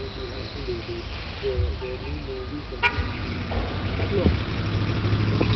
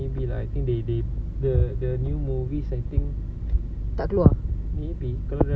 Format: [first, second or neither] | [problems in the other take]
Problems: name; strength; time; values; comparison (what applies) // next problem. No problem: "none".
second | background sound (Motor vehicle (road)); 1 dB above the speech // room echo; dies away in 0.3 s